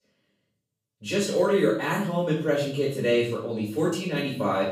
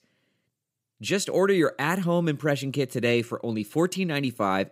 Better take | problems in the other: second | off-mic speech; far // room echo; noticeable; dies away in 0.6 s

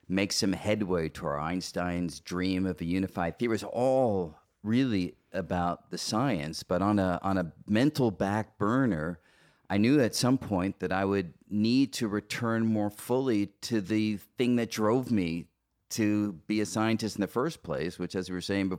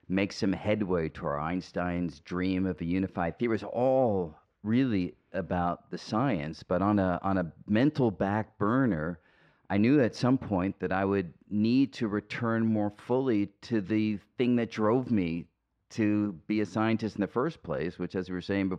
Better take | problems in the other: first | muffled; slightly; fading above 3 kHz

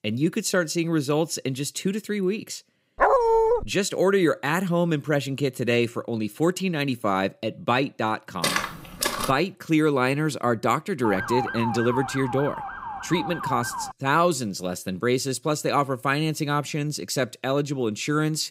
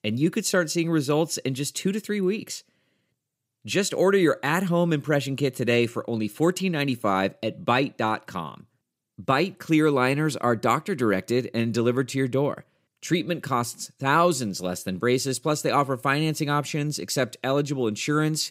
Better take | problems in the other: second | dog barking; loud; at 3 s; peak 6 dB above the speech // footsteps; loud; at 8.5 s; peak level with the speech // siren; noticeable; from 11 to 14 s; peak 3 dB below the speech

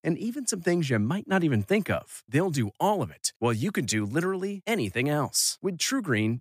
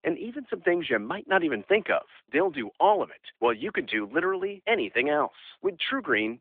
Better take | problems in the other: first | phone-call audio

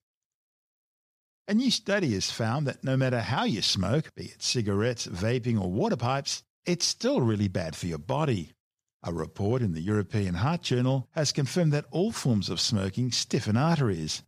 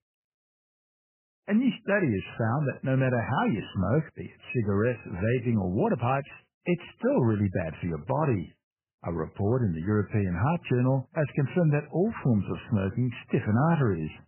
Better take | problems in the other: first | garbled, watery; badly; nothing above 3 kHz

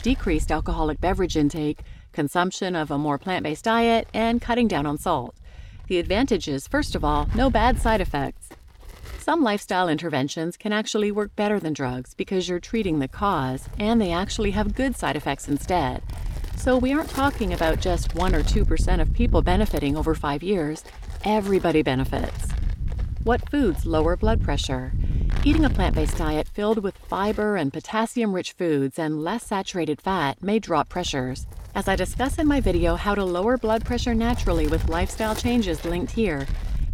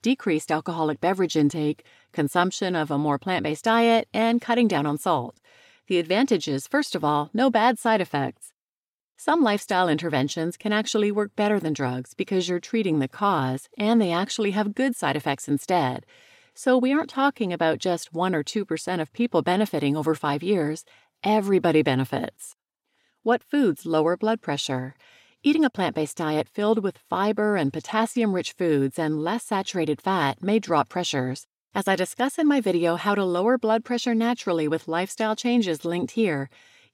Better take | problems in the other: second | wind noise on the microphone; occasional gusts; 15 dB below the speech

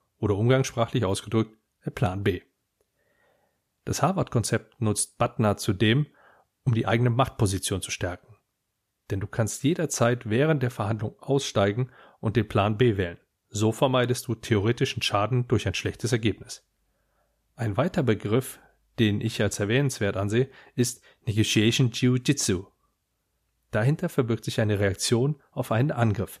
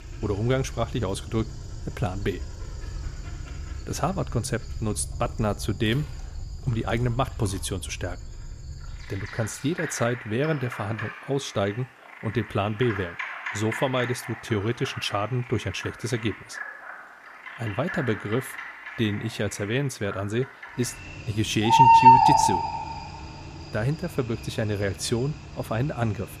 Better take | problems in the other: first | animal sounds; very loud; throughout; 2 dB above the speech

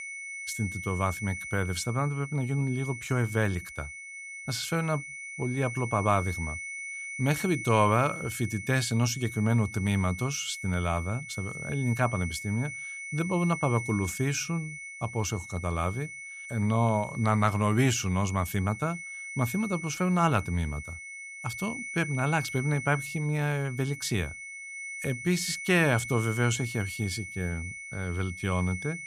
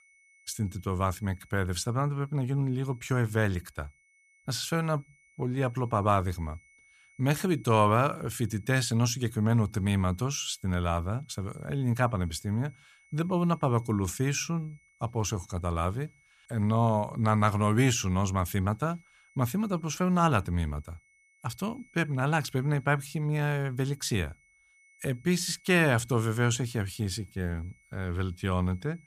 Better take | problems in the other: second | high-pitched whine; loud; throughout; 2 kHz, 9 dB below the speech; faint in the second

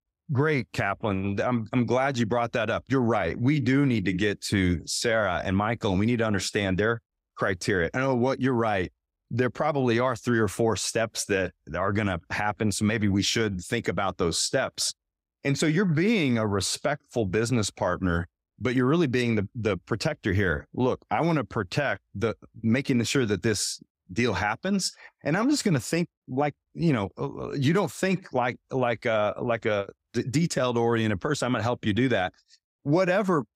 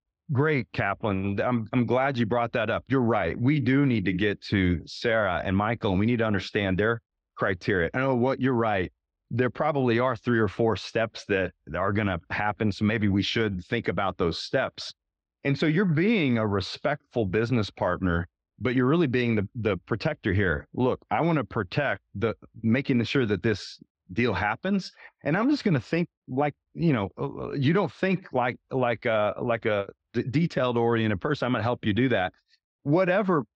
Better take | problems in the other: first | muffled; slightly; fading above 4 kHz

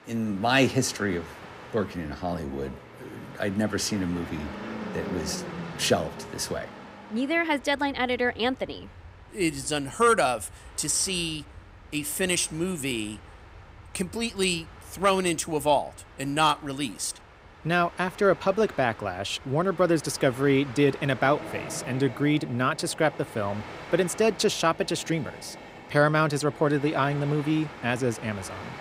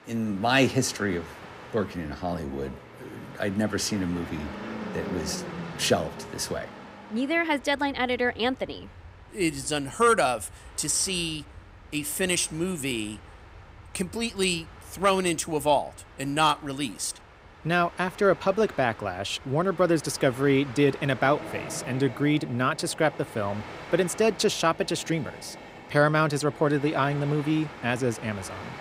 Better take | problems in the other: neither | train or aircraft noise; noticeable; throughout; 15 dB below the speech; the same in both

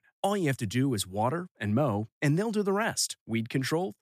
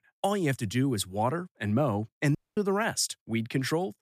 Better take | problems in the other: first | audio cutting out; at 2.5 s

